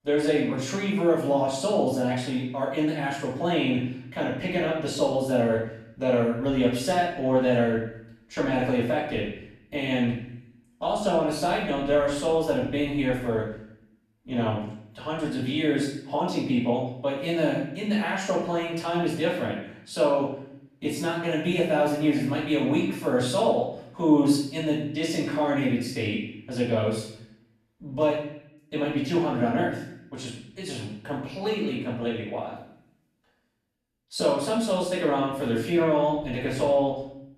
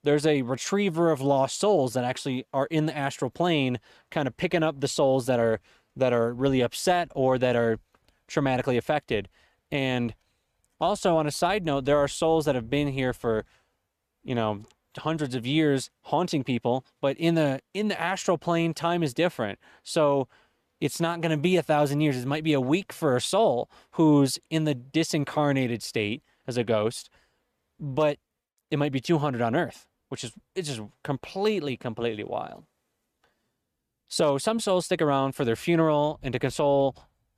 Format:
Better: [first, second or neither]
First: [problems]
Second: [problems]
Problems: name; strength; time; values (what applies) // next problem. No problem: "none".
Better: second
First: off-mic speech; far // room echo; noticeable; dies away in 0.7 s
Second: none